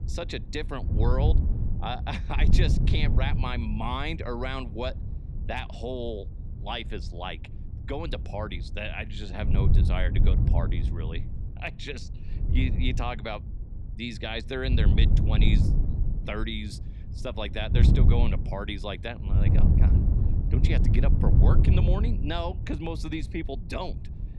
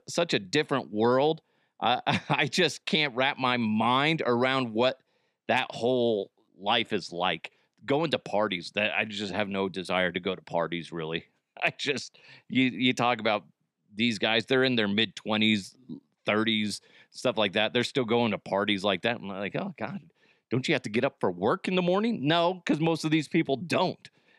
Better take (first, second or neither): second